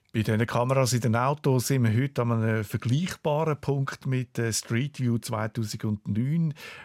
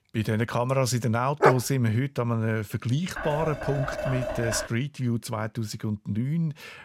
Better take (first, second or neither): first